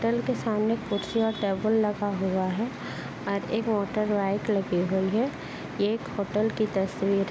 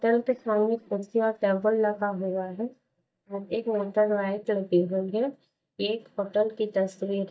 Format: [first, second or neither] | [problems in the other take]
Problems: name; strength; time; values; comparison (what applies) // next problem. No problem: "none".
first | noise reduction (neural mask model DeepFilterNet 3)